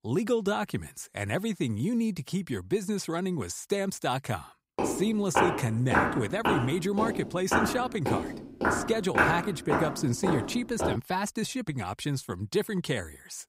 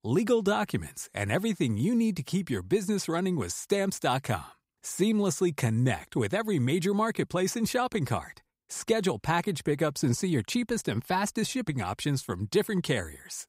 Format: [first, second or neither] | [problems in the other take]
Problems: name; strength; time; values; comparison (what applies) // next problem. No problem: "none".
second | footsteps; loud; from 5 to 11 s; peak 5 dB above the speech